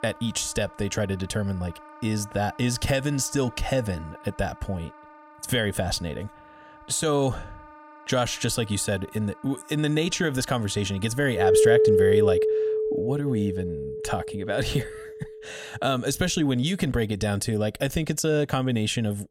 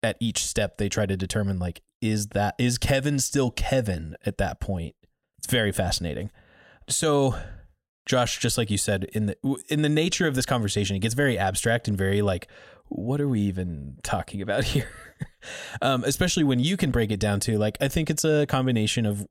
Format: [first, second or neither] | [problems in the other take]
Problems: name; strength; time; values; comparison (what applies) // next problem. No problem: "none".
second | background music; very loud; throughout; 3 dB above the speech